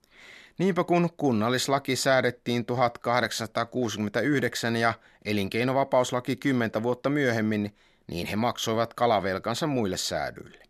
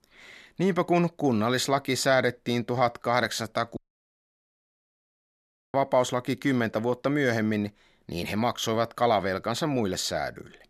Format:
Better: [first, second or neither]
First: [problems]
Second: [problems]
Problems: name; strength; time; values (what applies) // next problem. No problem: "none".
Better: first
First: none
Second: audio cutting out; at 4 s for 2 s